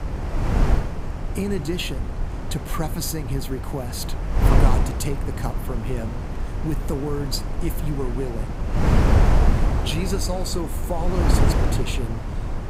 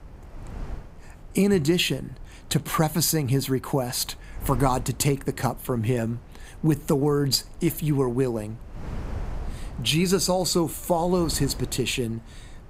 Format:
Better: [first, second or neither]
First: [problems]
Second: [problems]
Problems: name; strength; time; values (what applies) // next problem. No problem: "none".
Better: second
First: wind noise on the microphone; heavy; as loud as the speech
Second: wind noise on the microphone; occasional gusts; 20 dB below the speech